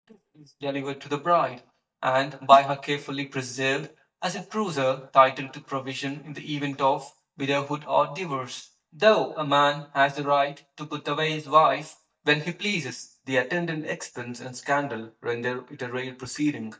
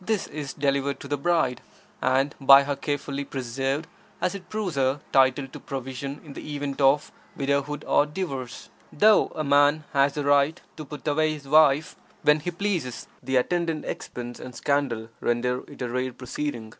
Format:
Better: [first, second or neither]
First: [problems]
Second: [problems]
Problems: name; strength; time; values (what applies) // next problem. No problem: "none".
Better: second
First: noise reduction (neural mask model DeepFilterNet 3)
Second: none